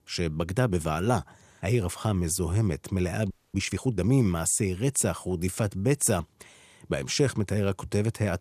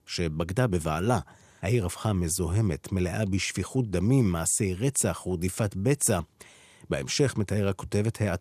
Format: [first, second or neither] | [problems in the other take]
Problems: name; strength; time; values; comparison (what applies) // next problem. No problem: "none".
second | audio freezing; at 3.5 s